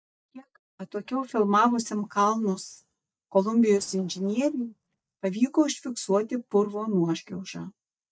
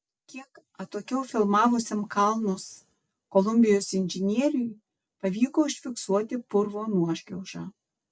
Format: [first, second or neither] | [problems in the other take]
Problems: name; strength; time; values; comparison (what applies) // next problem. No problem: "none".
second | noise reduction (neural mask model DeepFilterNet 3)